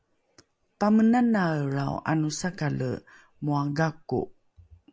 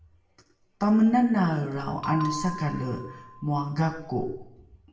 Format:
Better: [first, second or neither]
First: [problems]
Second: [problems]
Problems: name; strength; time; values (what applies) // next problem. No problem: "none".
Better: first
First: none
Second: background sound (Bell); 11 dB below the speech // room echo; dies away in 0.7 s